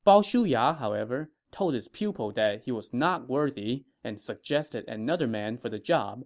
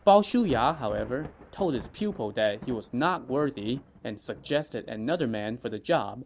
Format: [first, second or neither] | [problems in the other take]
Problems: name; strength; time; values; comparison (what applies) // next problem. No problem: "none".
first | background sound (Thunder / Rain); 19 dB below the speech